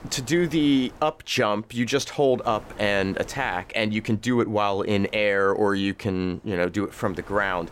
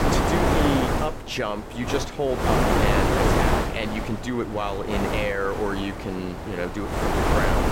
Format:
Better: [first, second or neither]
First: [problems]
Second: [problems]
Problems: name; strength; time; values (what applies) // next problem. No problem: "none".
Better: first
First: wind noise on the microphone; occasional gusts; 25 dB below the speech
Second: wind noise on the microphone; heavy; 4 dB above the speech